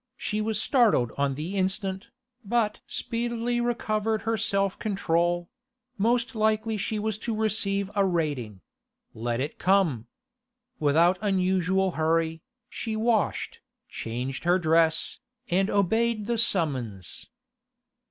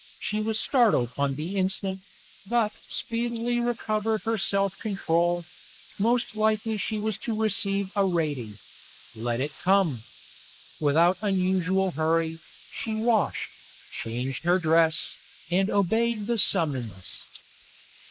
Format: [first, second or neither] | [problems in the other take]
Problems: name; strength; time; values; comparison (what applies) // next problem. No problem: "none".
first | noise reduction (neural mask model Resemble Enhance denoiser)